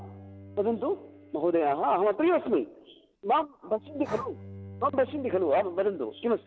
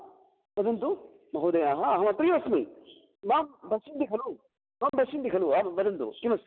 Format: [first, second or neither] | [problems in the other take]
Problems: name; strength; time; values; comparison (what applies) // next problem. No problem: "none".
second | background sound (Bowed string instrument + Breathing); 19 dB below the speech